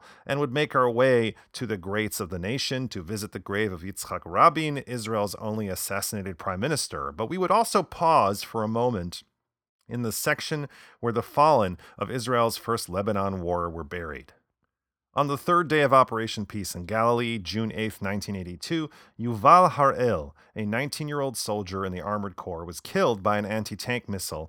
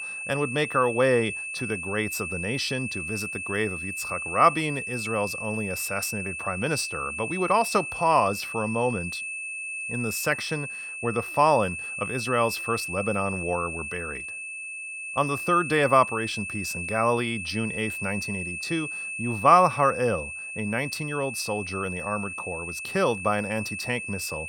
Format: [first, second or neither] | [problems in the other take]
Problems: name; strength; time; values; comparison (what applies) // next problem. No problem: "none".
first | high-pitched whine; loud; throughout; 2.5 kHz, 5 dB below the speech